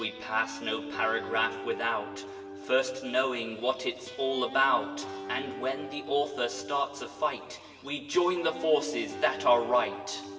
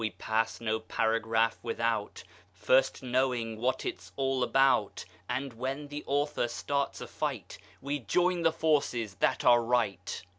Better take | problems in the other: second | background sound (Guitar); 12 dB below the speech // room echo; dies away in 2.9 s

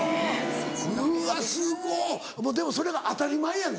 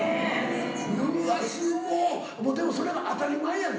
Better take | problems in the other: first | room echo; dies away in 0.8 s

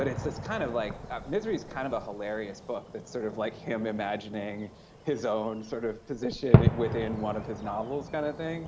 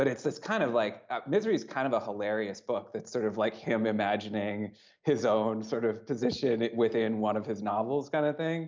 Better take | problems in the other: second | background sound (Fireworks); as loud as the speech

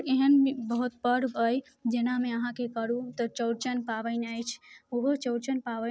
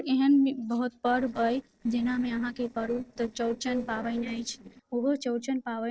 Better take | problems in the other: first | noise reduction (neural separator model SepFormer DNS4)

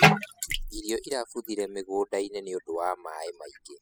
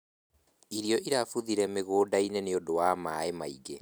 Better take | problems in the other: second | noise reduction (classical method spectral subtraction)

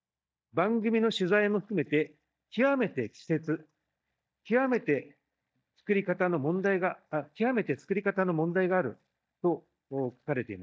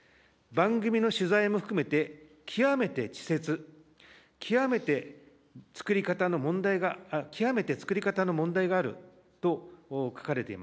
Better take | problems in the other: second | noise reduction (neural mask model DeepFilterNet 3)

